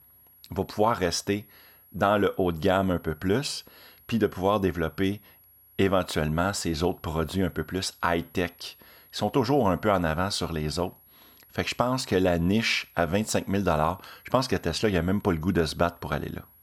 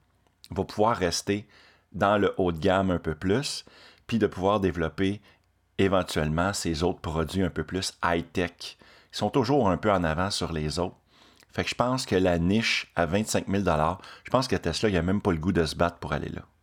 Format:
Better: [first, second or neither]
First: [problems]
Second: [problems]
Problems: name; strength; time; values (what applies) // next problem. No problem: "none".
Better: second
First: high-pitched whine; faint; throughout; 11.5 kHz, 25 dB below the speech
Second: none